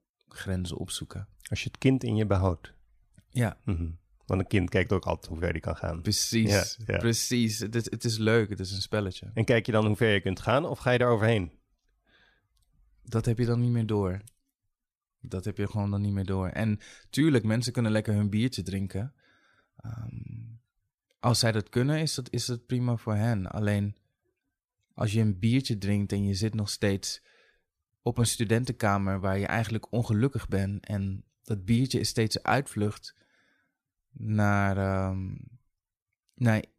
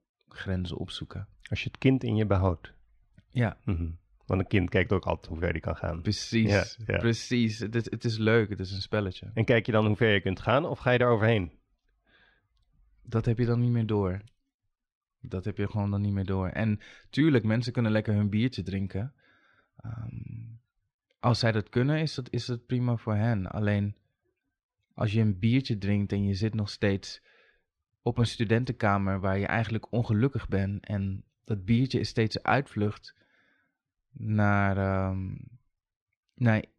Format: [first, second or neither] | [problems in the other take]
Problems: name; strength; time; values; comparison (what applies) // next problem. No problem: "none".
first | muffled; very slightly; fading above 3 kHz